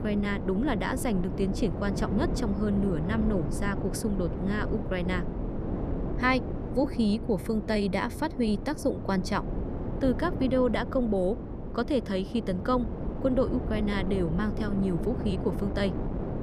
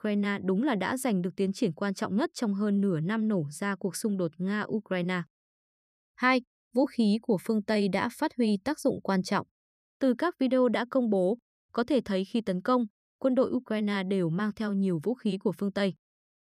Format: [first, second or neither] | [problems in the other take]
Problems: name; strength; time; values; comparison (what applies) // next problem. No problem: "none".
second | wind noise on the microphone; heavy; 8 dB below the speech